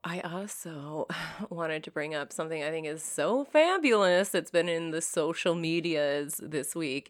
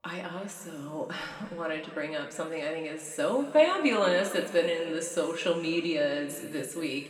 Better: first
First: none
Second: room echo; slight; dies away in 2.1 s // off-mic speech; somewhat distant

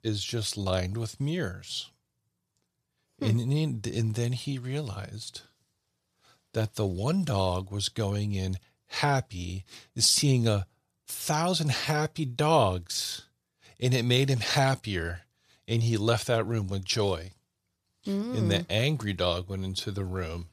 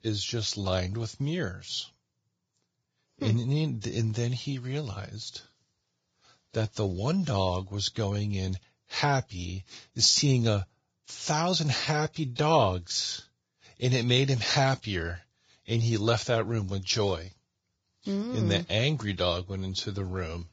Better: first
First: none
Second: garbled, watery; badly; nothing above 7.5 kHz

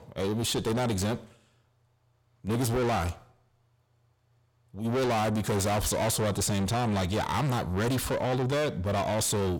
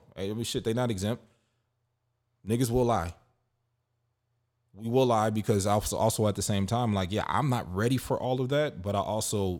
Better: second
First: distortion; heavy; 6 dB below the speech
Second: none

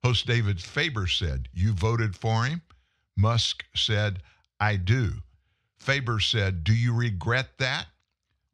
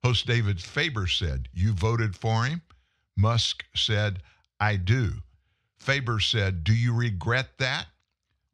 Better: neither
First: none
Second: none

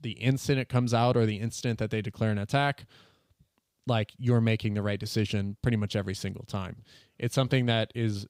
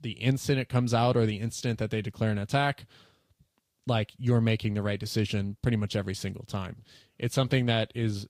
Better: first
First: none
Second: garbled, watery; slightly; nothing above 15.5 kHz

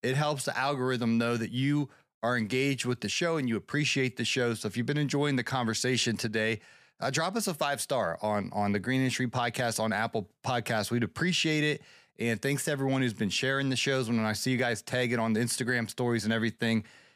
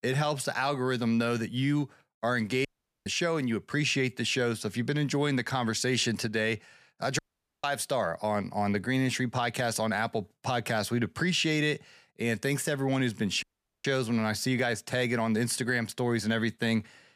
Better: first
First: none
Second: audio cutting out; at 2.5 s, at 7 s and at 13 s

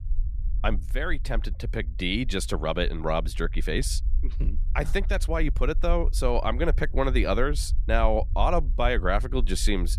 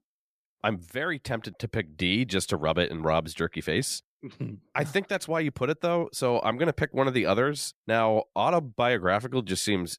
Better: second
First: low rumble; faint; throughout; 25 dB below the speech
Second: none

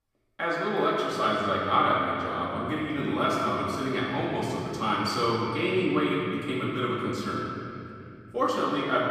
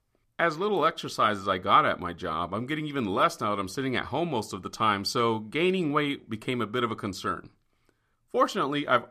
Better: second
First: off-mic speech; far // room echo; strong; dies away in 3 s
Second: none

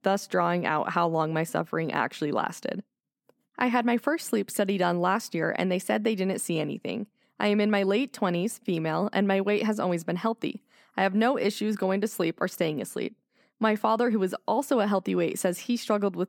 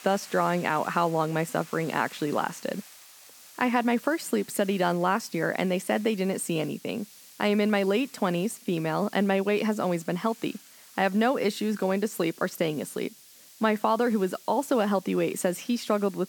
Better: first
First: none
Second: hiss; faint; throughout; 20 dB below the speech

